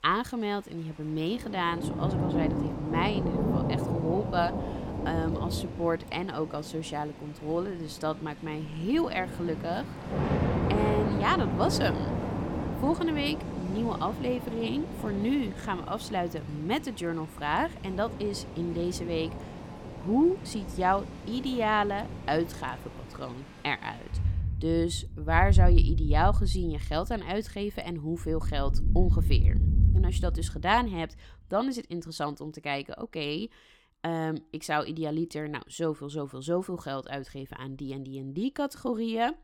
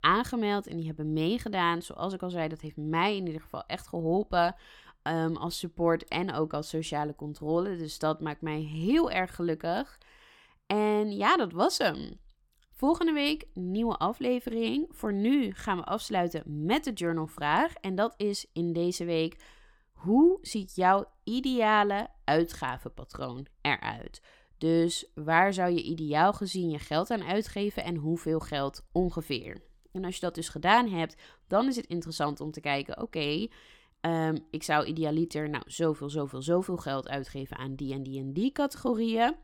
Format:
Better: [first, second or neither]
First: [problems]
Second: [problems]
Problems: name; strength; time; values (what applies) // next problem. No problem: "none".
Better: second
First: rain or running water; loud; until 31 s; as loud as the speech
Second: none